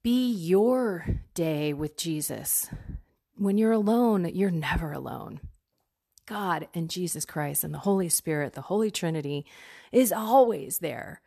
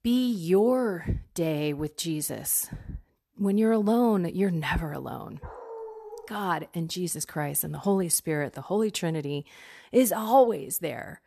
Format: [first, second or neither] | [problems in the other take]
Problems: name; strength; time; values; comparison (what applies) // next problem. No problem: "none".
first | dog barking; faint; at 5.5 s; peak 15 dB below the speech